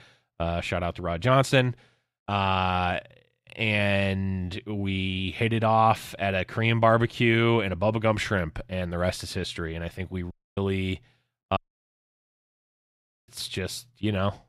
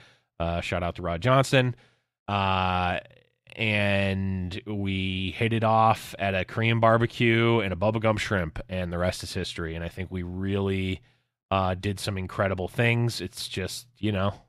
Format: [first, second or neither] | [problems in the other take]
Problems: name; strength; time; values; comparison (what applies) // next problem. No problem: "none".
second | audio cutting out; at 10 s and at 12 s for 1.5 s